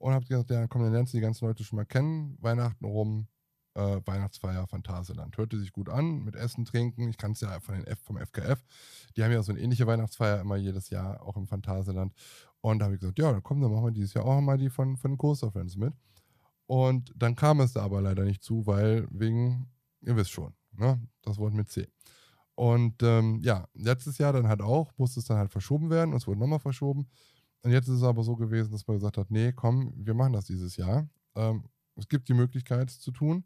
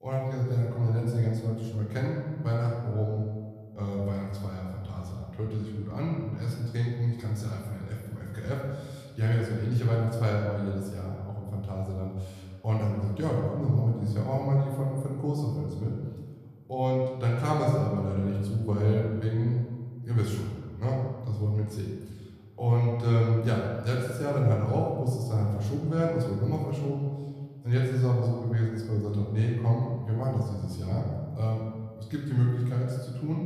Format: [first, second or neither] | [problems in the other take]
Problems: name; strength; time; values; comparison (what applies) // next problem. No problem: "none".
first | room echo; noticeable; dies away in 1.4 s // off-mic speech; far